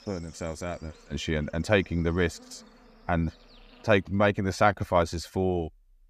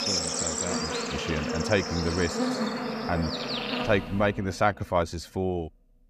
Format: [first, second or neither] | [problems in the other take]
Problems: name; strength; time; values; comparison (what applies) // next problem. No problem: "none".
first | animal sounds; loud; until 4.5 s; 1 dB below the speech; faint in the first